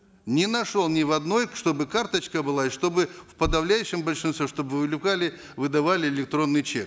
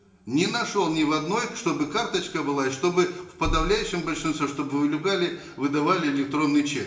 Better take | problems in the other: first | room echo; dies away in 0.8 s

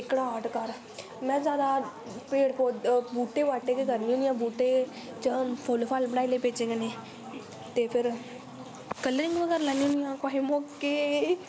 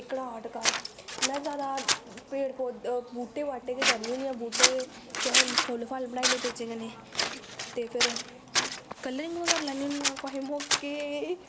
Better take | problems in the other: first | background sound (Scissors); 2 dB above the speech

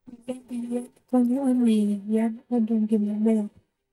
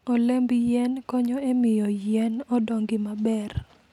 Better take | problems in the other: second | noise reduction (neural mask model DeepFilterNet 3)

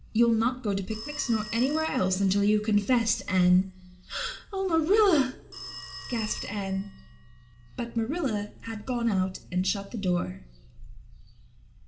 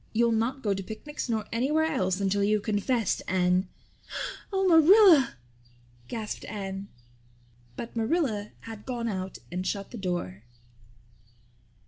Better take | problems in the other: second | background sound (Telephone); 17 dB below the speech // room echo; dies away in 0.4 s

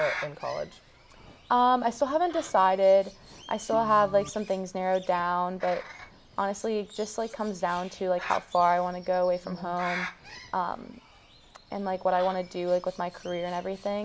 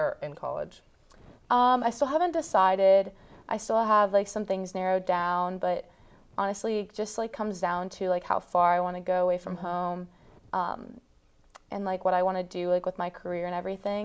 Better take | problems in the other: second | background sound (Organ + Bird); 16 dB below the speech

